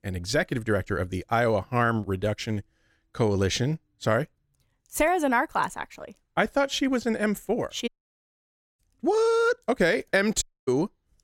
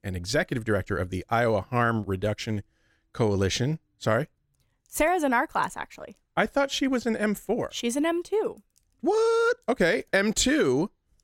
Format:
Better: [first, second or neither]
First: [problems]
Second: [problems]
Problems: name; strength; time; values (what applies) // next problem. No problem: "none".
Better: second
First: audio cutting out; at 8 s for 1 s and at 10 s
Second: none